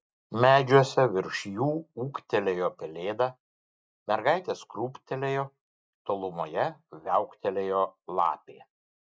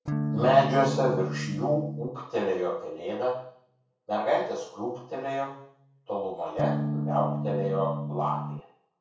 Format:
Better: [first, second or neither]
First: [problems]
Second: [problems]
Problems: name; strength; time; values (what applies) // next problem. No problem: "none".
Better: first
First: none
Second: background sound (Electric guitar / Strum); 2 dB below the speech // room echo; dies away in 0.6 s